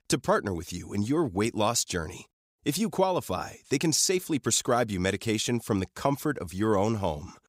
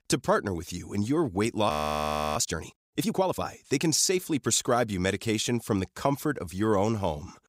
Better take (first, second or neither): first